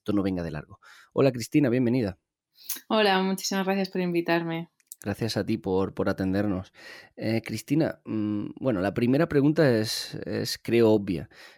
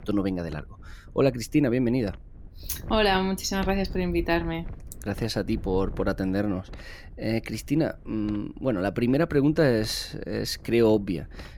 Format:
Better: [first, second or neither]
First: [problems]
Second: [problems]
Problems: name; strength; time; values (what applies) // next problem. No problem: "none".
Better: first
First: none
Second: wind noise on the microphone; occasional gusts; 25 dB below the speech